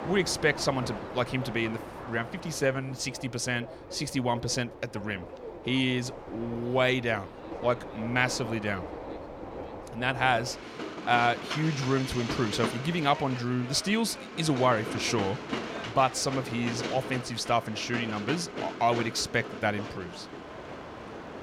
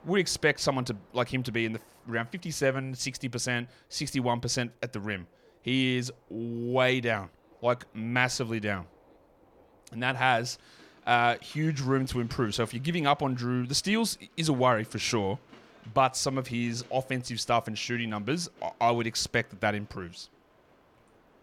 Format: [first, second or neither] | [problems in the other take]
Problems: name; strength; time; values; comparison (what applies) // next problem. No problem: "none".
second | train or aircraft noise; loud; throughout; 9 dB below the speech; faint in the second